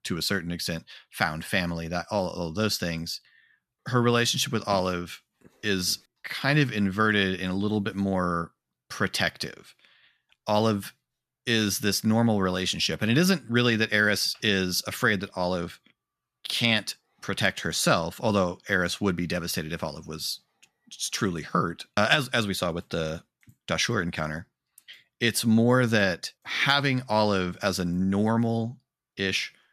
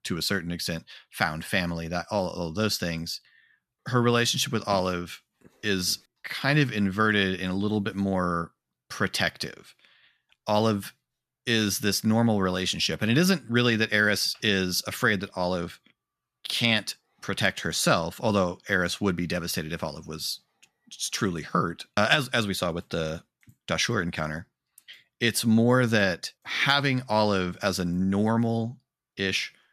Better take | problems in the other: neither | none

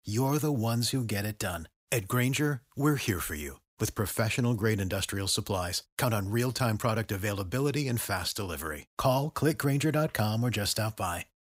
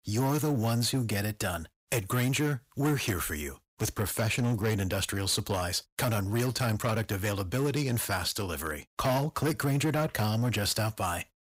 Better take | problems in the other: first | distortion; slight; 10% of the sound clipped

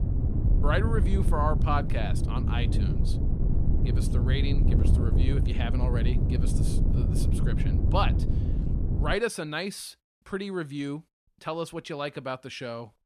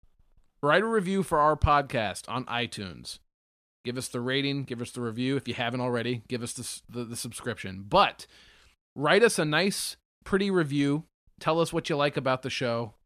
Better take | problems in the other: second | wind noise on the microphone; heavy; until 9 s; 6 dB below the speech

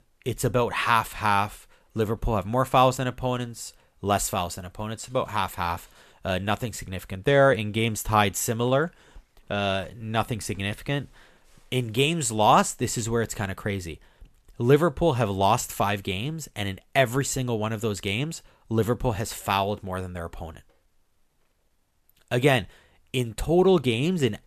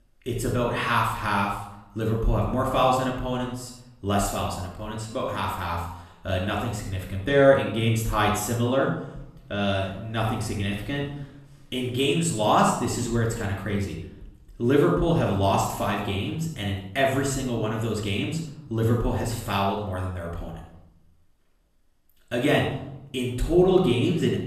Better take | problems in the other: first | off-mic speech; far // room echo; noticeable; dies away in 0.6 s

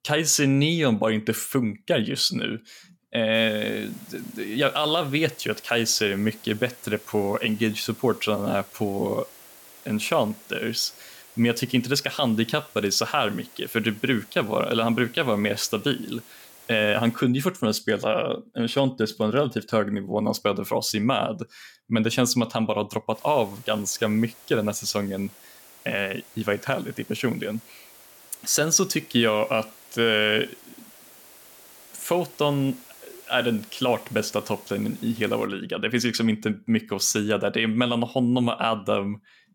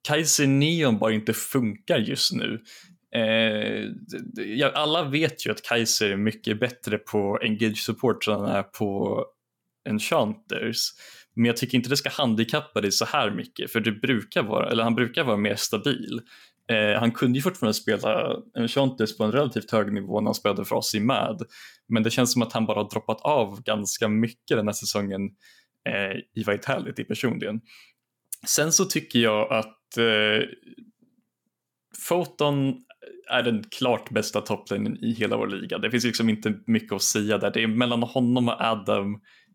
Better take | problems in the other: second | hiss; faint; from 3.5 to 17 s and from 23 to 35 s; 20 dB below the speech

